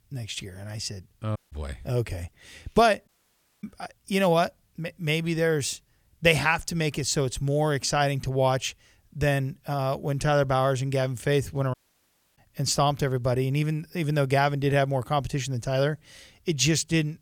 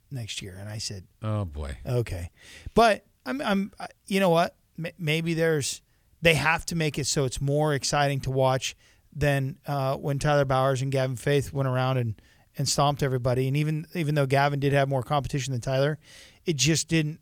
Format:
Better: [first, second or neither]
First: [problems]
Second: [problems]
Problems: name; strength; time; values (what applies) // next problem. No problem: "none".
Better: second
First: audio cutting out; at 1.5 s, at 3 s for 0.5 s and at 12 s for 0.5 s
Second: none